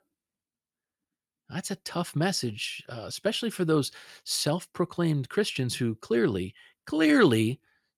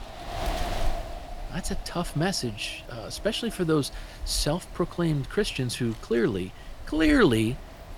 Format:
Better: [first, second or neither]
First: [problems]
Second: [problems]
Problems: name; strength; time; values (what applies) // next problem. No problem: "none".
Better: first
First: none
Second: wind noise on the microphone; occasional gusts; 10 dB below the speech